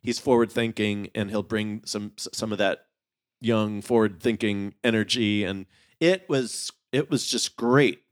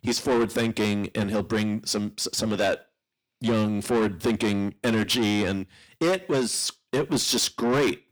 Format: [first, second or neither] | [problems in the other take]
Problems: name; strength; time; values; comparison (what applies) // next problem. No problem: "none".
first | distortion; heavy; 6 dB below the speech